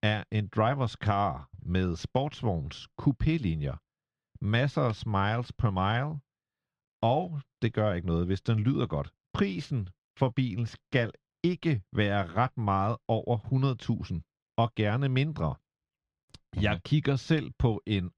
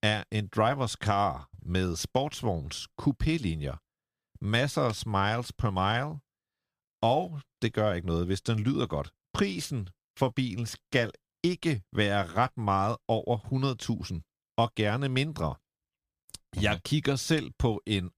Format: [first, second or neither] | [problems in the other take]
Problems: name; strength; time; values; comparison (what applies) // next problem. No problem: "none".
second | muffled; slightly; fading above 3.5 kHz